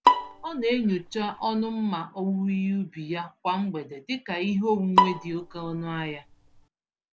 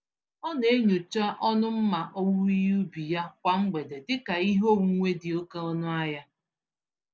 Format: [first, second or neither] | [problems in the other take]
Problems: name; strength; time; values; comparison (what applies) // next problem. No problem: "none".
second | background sound (Bowed string instrument); 1 dB above the speech